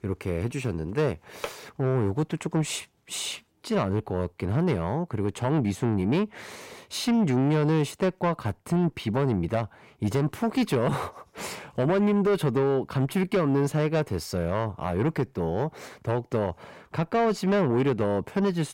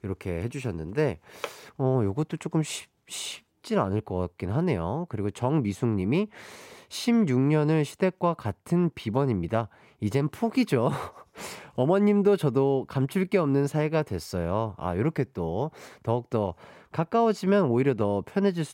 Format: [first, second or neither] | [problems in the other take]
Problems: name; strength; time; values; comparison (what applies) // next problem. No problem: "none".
second | distortion; slight; 10 dB below the speech